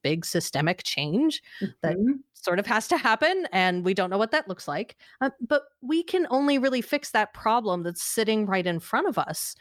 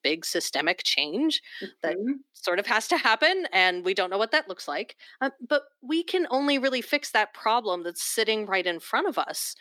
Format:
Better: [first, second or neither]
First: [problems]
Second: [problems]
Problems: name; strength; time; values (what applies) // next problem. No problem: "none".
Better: first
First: none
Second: thin; very slightly; fading below 250 Hz